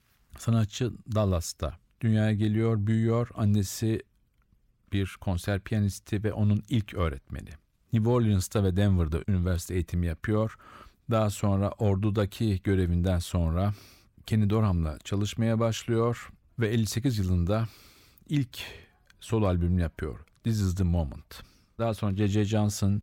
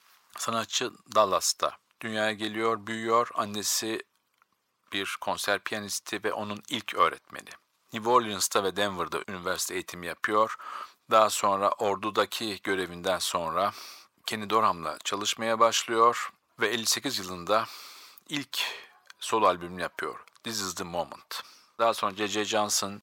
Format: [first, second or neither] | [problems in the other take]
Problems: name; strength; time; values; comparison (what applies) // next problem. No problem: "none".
first | thin; very; fading below 550 Hz